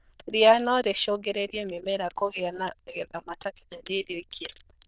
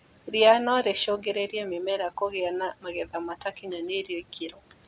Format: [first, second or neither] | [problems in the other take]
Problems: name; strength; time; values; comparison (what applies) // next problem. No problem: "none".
second | noise reduction (neural diffusion model UNIVERSE++)